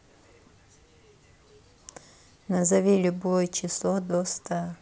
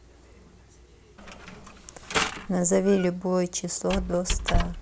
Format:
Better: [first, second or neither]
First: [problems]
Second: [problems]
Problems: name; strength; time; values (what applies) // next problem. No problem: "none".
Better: first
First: none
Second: background sound (Mechanisms + Squeak); 4 dB below the speech